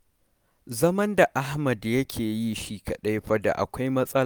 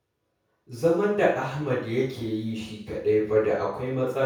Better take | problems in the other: first | room echo; dies away in 0.6 s

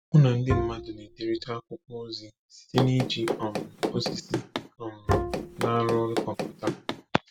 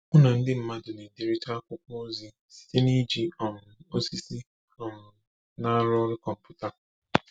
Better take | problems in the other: second | background sound (Bowed string instrument + Run); 2 dB below the speech

